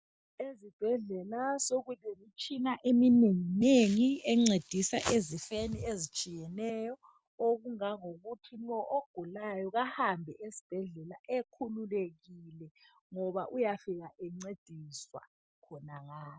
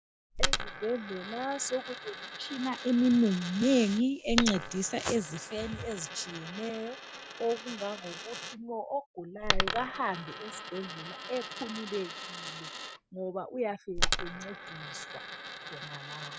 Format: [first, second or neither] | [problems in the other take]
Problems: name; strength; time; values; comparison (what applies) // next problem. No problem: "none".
first | background sound (Coin (dropping)); 4 dB below the speech